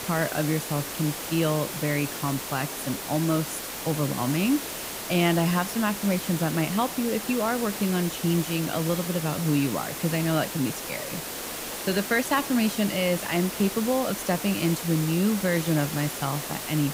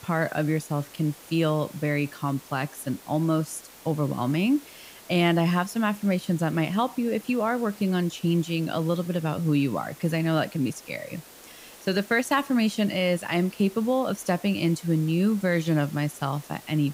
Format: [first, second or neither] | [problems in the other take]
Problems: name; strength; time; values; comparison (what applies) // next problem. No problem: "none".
second | hiss; loud; throughout; 6 dB below the speech; faint in the second